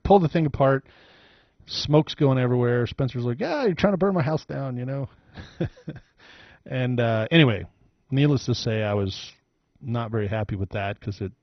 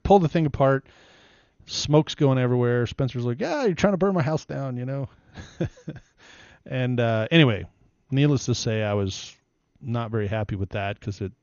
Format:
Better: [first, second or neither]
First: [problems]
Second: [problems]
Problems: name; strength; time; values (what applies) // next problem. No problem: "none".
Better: second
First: garbled, watery; badly; nothing above 6 kHz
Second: garbled, watery; slightly; nothing above 6.5 kHz